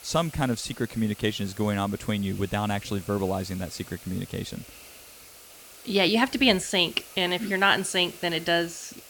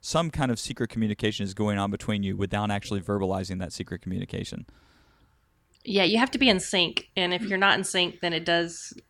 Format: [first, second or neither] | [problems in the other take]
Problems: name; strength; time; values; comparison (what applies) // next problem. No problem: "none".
second | hiss; noticeable; throughout; 20 dB below the speech